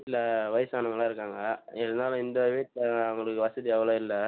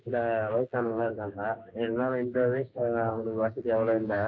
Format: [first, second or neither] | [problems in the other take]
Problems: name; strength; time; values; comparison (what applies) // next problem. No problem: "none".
first | noise reduction (neural mask model Resemble Enhance denoiser)